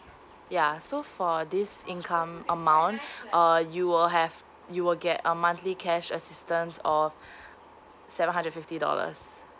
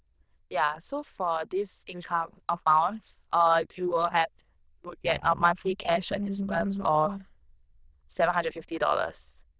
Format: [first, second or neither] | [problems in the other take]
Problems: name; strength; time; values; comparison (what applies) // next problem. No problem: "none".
first | noise reduction (neural diffusion model UNIVERSE++)